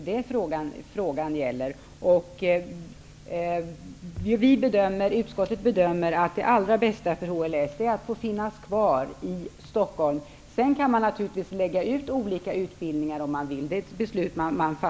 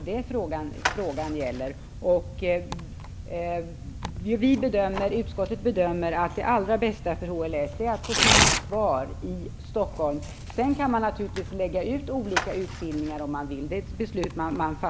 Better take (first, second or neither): first